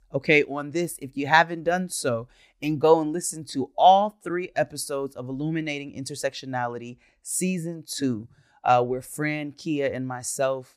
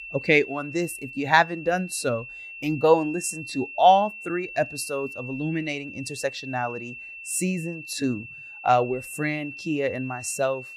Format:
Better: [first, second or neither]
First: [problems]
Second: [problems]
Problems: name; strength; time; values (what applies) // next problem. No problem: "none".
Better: first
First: none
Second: high-pitched whine; noticeable; throughout; 2.5 kHz, 10 dB below the speech